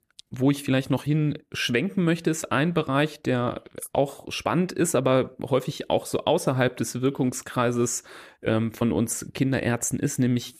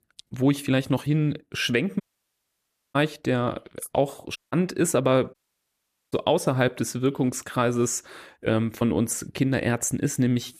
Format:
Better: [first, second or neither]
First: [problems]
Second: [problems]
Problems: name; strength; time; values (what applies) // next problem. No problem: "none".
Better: first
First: none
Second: audio cutting out; at 2 s for 1 s, at 4.5 s and at 5.5 s for 1 s